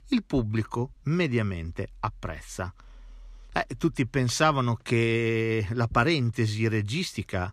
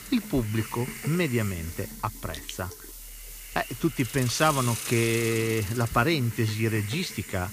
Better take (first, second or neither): first